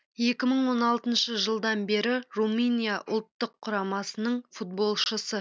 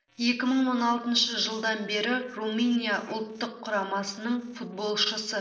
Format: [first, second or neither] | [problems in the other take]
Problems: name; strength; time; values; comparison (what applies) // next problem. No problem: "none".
first | noise reduction (neural separator model SepFormer DNS4)